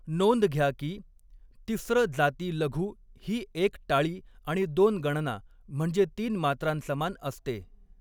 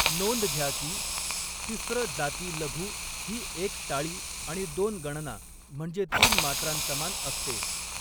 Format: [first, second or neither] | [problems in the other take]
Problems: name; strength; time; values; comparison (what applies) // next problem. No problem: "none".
first | background sound (Hiss); 3 dB above the speech